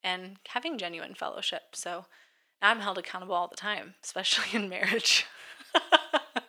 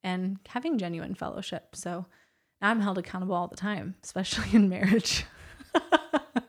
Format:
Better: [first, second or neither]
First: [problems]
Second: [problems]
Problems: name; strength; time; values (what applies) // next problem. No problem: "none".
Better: second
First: thin; very; fading below 550 Hz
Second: none